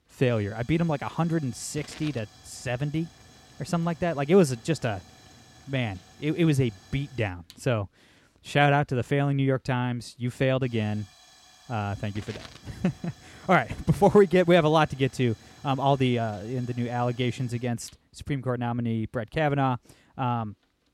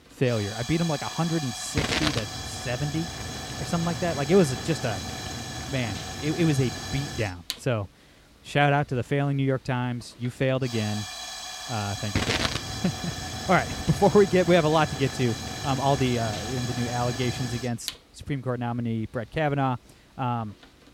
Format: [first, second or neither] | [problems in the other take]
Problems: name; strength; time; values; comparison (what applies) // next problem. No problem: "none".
first | hiss; loud; throughout; 6 dB below the speech; faint in the first